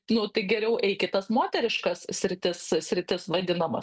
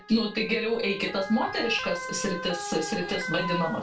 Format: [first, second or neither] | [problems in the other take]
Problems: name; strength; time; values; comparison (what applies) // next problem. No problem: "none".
first | background sound (Motor vehicle (road) / Siren); 8 dB below the speech // room echo; dies away in 0.2 s